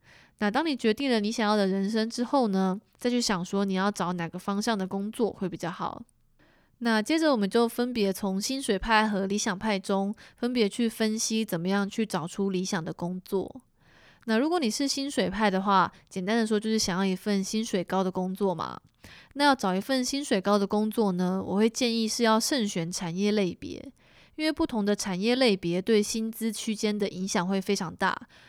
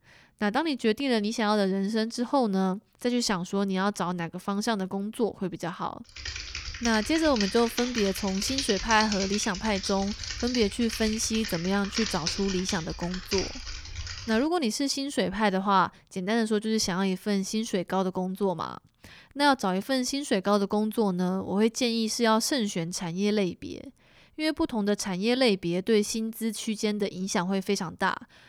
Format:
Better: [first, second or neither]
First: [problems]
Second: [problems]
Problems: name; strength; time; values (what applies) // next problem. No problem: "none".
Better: first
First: none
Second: keyboard typing; noticeable; from 6 to 14 s; peak 2 dB below the speech